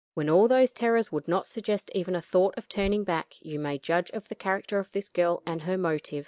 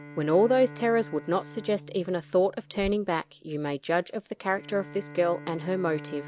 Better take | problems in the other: first | background sound (Bowed string instrument); 18 dB below the speech

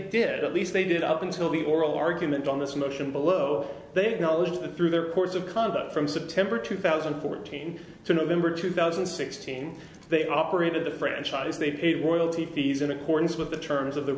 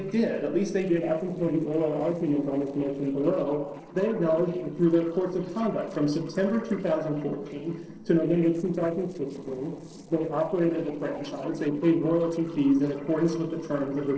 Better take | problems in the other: first | noise reduction (neural separator model SepFormer DNS4)

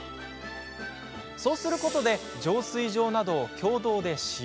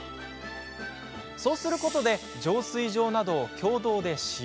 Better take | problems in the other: second | background sound (Crowd); 18 dB below the speech

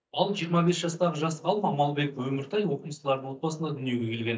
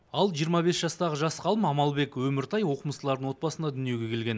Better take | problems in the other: second | noise reduction (neural mask model DeepFilterNet 3)

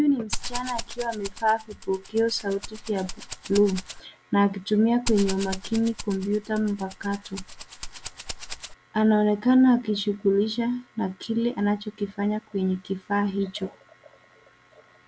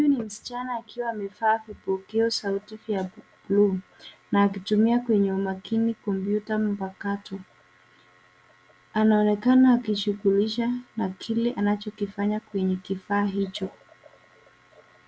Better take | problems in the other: second | background sound (Rattle (instrument)); 9 dB below the speech

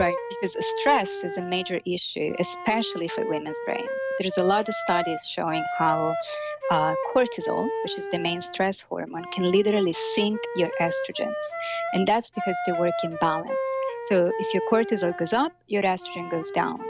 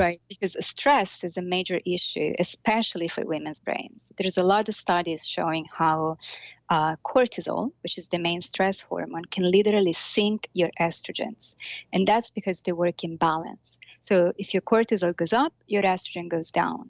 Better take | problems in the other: second | background sound (Wind instrument, woodwind instrument); 5 dB below the speech

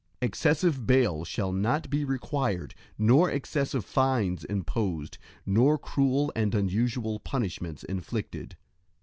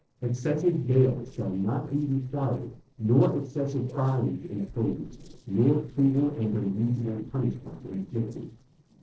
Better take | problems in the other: first | noise reduction (neural separator model SepFormer DNS4)

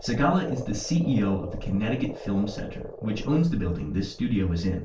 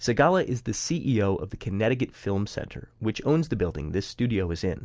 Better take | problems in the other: second | background sound (Frog); 15 dB below the speech // room echo; dies away in 0.2 s

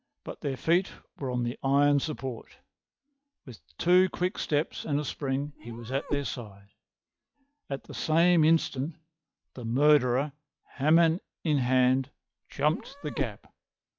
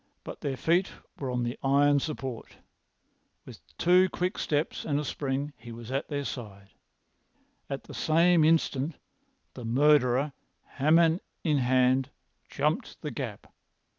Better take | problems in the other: second | noise reduction (classical method log-MMSE)

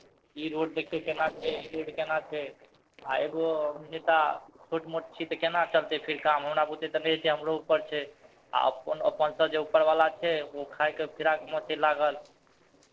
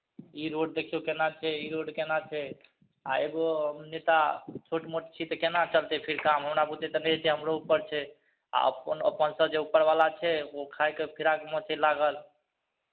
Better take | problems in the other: second | noise reduction (neural separator model SepFormer DNS4)

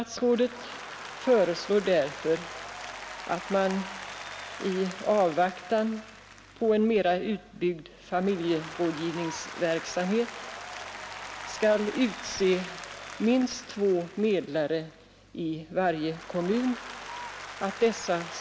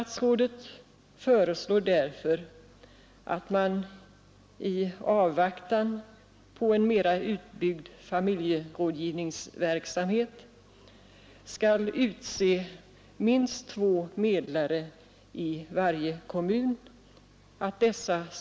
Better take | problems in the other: second | background sound (Applause); 13 dB below the speech

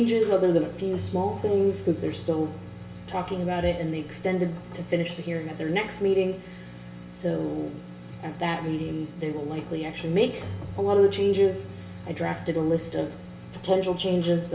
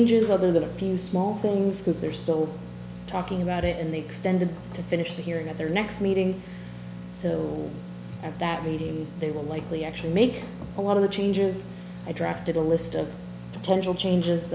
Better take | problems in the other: second | background sound (Keyboard (musical)); 18 dB below the speech // room echo; dies away in 0.2 s

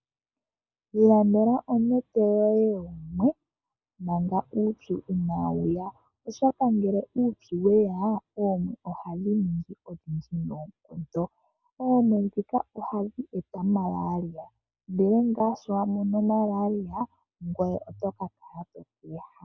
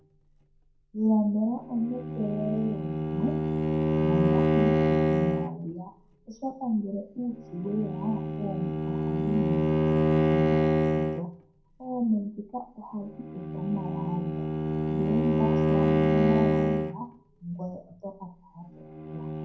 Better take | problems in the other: first | background sound (Bowed string instrument); 4 dB above the speech // room echo; dies away in 0.4 s

